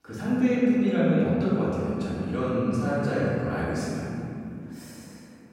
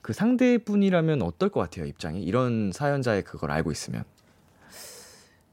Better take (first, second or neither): second